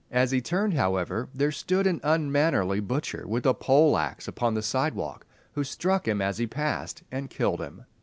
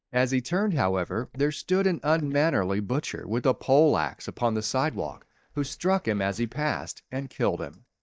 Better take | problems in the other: first | noise reduction (neural mask model DeepFilterNet 3)

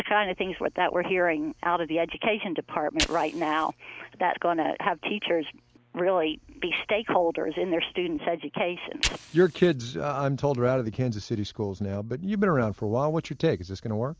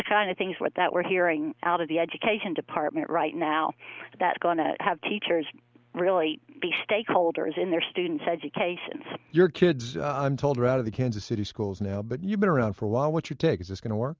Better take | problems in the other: second | background sound (Fire); 16 dB below the speech

